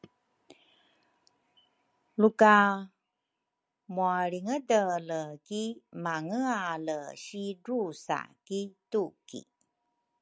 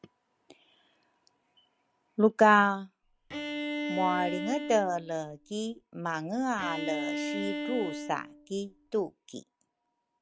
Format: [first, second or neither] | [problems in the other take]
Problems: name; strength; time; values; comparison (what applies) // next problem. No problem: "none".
first | background sound (Bowed string instrument); 5 dB below the speech